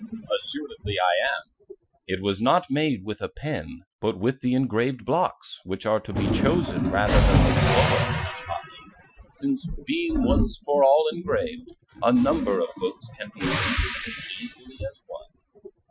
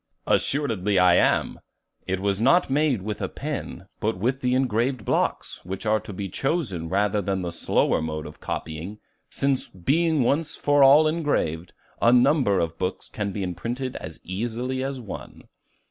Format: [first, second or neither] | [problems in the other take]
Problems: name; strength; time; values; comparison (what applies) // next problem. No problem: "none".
second | noise reduction (classical method Wiener filter)